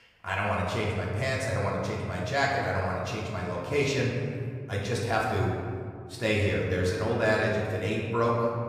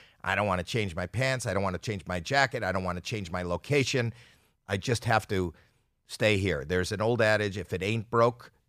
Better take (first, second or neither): second